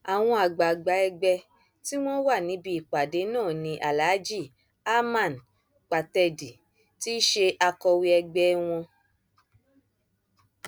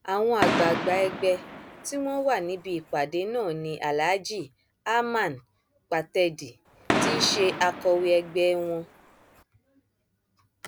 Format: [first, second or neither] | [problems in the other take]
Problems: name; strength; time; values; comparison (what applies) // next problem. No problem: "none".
first | background sound (Fireworks); 4 dB below the speech